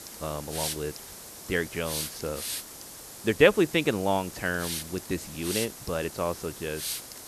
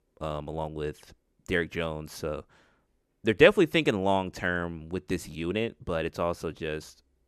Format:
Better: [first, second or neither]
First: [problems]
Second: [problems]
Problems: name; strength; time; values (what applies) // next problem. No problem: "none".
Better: second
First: hiss; loud; throughout; 7 dB below the speech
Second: none